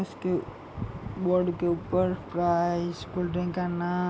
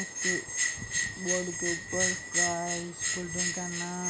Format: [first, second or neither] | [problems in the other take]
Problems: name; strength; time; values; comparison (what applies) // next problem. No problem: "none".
first | background sound (Bell); 5 dB above the speech